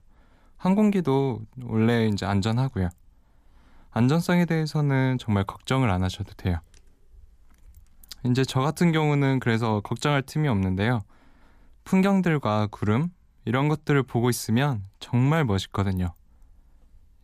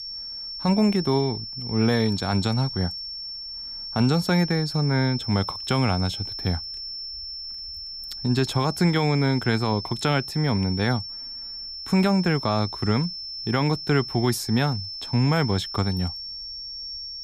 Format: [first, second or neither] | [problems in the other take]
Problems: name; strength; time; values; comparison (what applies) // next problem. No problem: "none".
first | high-pitched whine; loud; throughout; 5.5 kHz, 8 dB below the speech